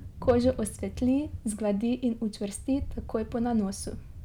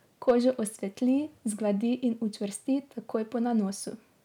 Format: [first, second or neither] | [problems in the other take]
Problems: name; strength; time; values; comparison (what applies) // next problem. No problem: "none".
second | background sound (Thunder); 11 dB below the speech